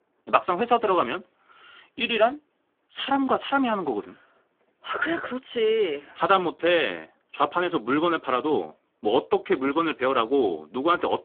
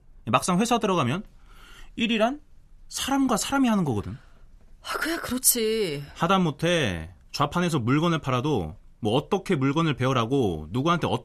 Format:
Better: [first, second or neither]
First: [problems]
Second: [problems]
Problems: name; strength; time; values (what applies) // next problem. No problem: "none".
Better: second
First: phone-call audio; poor line; nothing above 3.5 kHz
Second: none